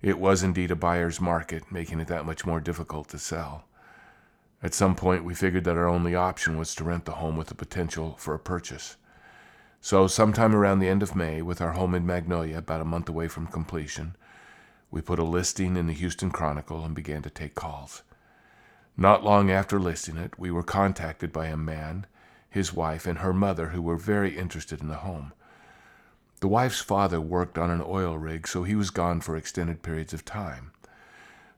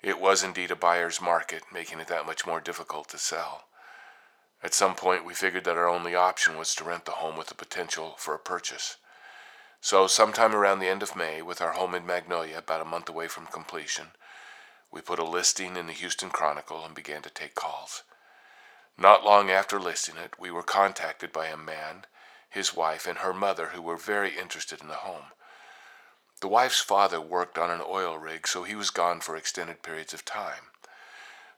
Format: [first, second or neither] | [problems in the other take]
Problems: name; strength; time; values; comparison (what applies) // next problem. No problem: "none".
first | thin; very; fading below 650 Hz